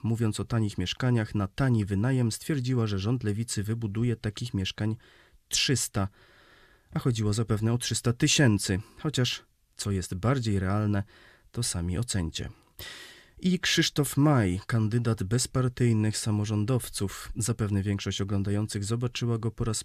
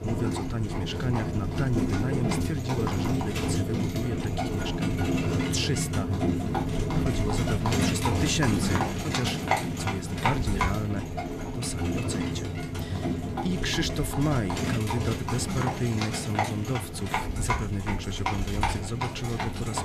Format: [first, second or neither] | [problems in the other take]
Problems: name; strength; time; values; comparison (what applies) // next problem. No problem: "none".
first | animal sounds; very loud; throughout; 2 dB above the speech